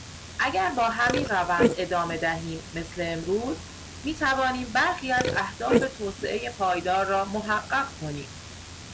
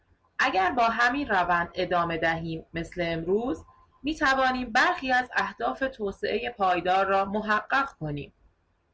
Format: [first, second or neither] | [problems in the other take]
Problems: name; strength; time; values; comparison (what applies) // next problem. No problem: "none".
second | background sound (Burping, eructation); 5 dB below the speech